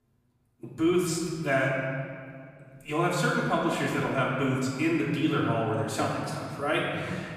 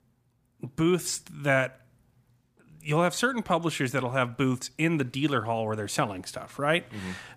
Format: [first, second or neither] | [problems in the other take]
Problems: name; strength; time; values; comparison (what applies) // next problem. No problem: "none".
second | off-mic speech; far // room echo; noticeable; dies away in 1.9 s